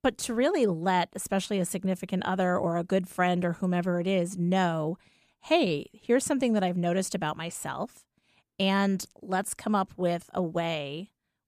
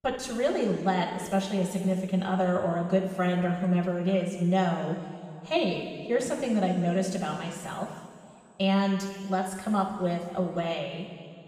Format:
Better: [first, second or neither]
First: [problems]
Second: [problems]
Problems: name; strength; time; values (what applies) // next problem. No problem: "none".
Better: first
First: none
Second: room echo; noticeable; dies away in 2.1 s // off-mic speech; far